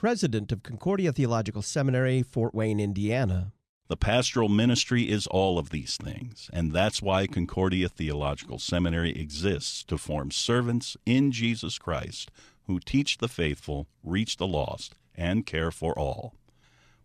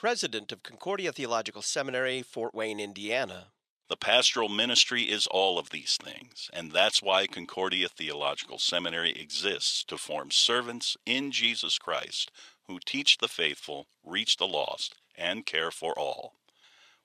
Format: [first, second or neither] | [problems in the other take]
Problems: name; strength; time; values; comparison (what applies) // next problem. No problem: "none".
first | thin; very; fading below 550 Hz